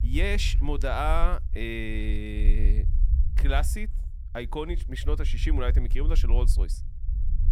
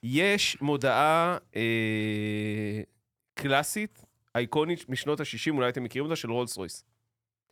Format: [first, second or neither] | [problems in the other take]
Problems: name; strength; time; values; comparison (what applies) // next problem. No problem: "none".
second | low rumble; noticeable; throughout; 15 dB below the speech